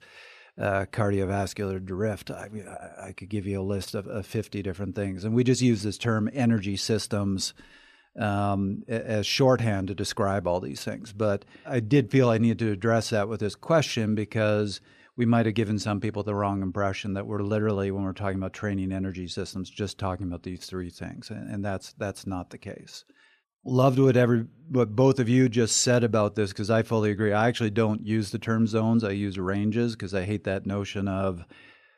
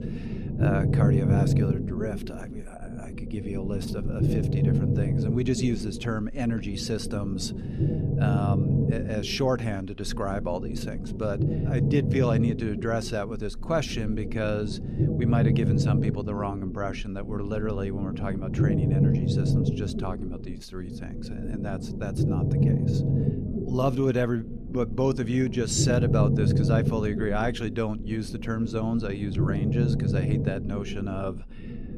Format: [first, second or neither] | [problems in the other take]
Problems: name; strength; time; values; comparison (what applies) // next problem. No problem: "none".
first | low rumble; loud; throughout; 4 dB below the speech